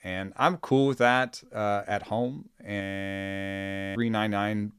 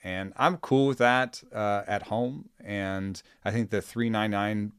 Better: second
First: audio freezing; at 3 s for 1 s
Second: none

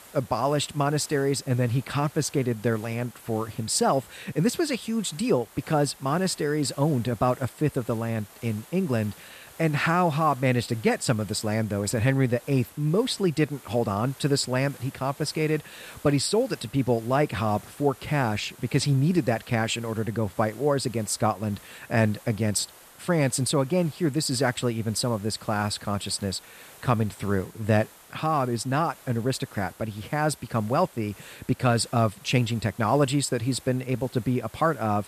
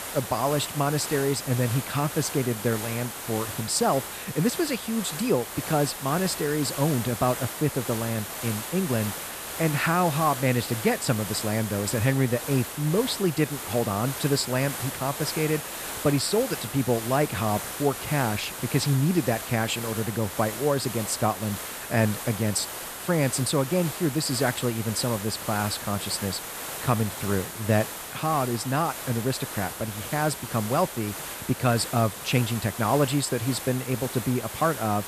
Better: first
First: hiss; faint; throughout; 20 dB below the speech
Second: hiss; loud; throughout; 7 dB below the speech

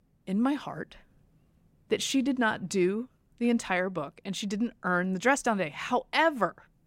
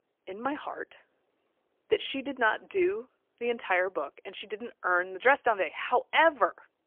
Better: first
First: none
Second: phone-call audio; poor line; nothing above 3.5 kHz

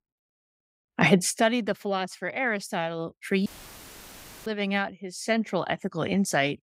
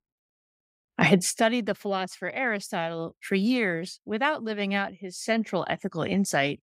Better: second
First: audio cutting out; filled with static; at 3.5 s for 1 s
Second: none

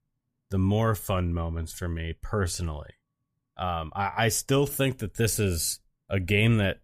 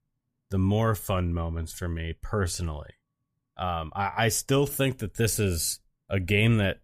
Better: neither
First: none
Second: none

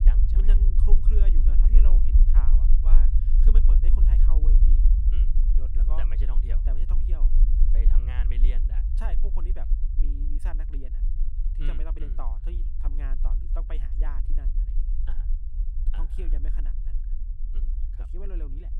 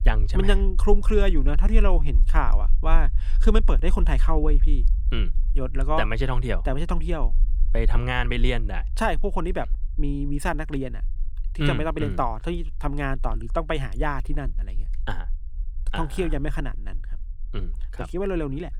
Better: second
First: low rumble; loud; throughout; 2 dB below the speech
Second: low rumble; faint; throughout; 25 dB below the speech

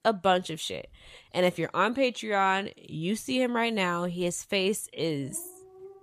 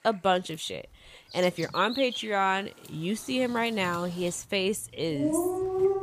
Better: first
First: animal sounds; faint; throughout; 25 dB below the speech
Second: animal sounds; loud; throughout; 3 dB below the speech

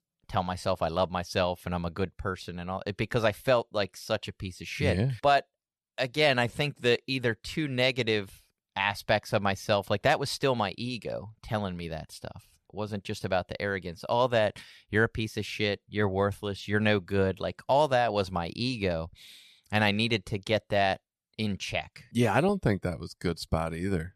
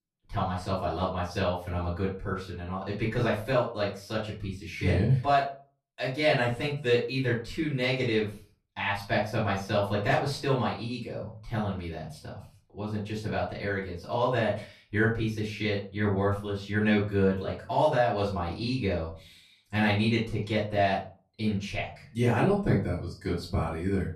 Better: first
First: none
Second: off-mic speech; far // room echo; slight; dies away in 0.3 s

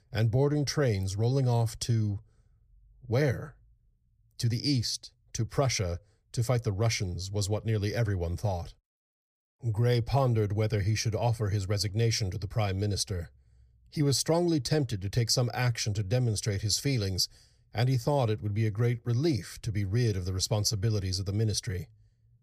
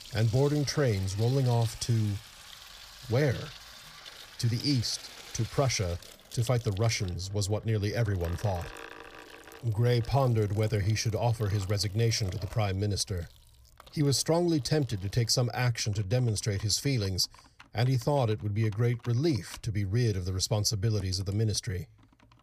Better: first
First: none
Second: household noises; noticeable; throughout; 20 dB below the speech

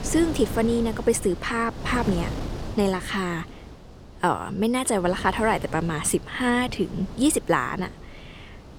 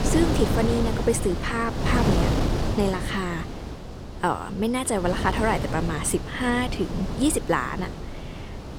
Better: first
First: wind noise on the microphone; occasional gusts; 15 dB below the speech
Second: wind noise on the microphone; heavy; 6 dB below the speech

